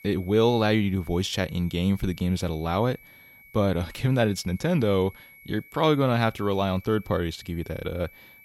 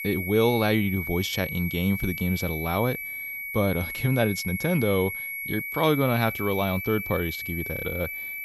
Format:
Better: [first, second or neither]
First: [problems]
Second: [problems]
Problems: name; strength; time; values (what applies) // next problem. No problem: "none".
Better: first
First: high-pitched whine; faint; throughout; 2 kHz, 25 dB below the speech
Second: high-pitched whine; loud; throughout; 2 kHz, 5 dB below the speech